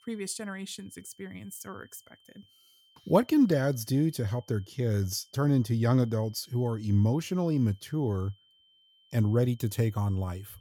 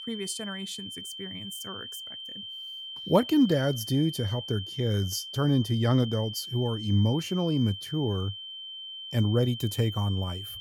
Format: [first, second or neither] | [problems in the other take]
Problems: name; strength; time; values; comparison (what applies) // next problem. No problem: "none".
first | high-pitched whine; loud; throughout; 3 kHz, 10 dB below the speech; faint in the first